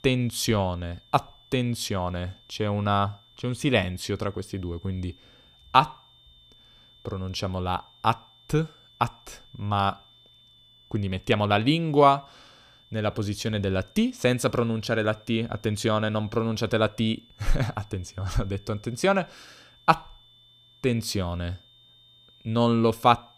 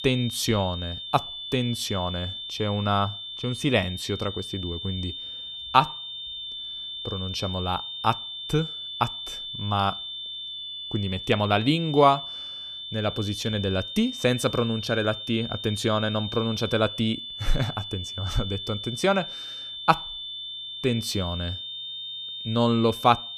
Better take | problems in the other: first | high-pitched whine; loud; throughout; 3.5 kHz, 7 dB below the speech; faint in the first

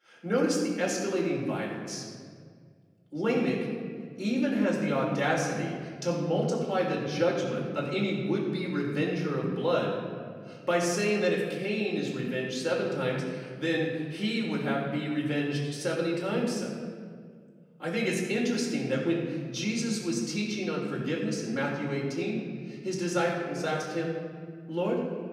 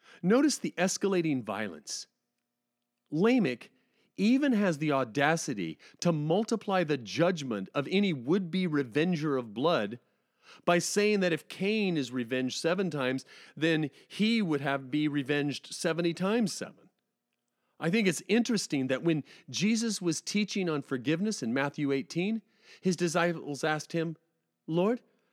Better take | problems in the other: second | off-mic speech; far // room echo; noticeable; dies away in 1.8 s

